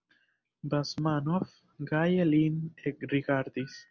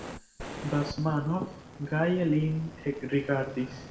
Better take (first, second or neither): first